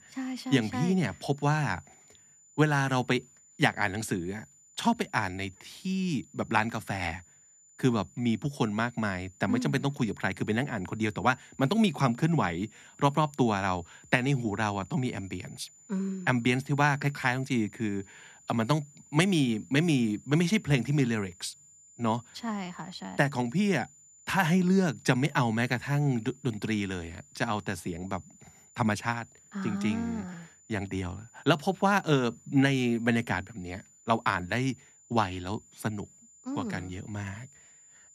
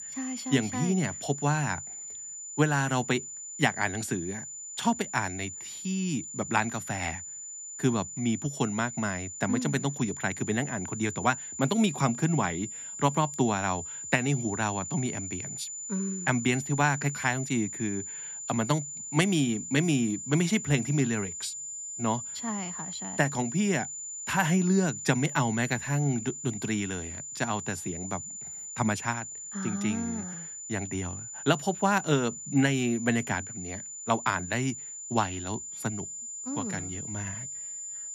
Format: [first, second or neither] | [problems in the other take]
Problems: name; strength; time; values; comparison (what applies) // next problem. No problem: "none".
first | high-pitched whine; loud; throughout; 7 kHz, 7 dB below the speech; faint in the first